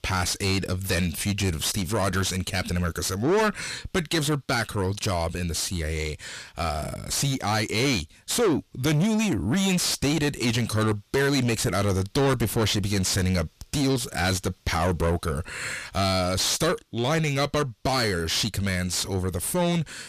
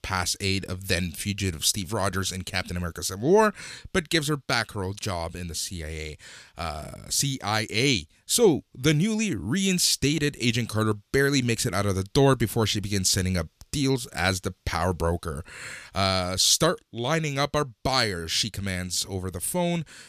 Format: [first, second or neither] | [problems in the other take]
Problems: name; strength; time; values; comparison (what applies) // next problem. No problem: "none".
second | distortion; heavy; 6 dB below the speech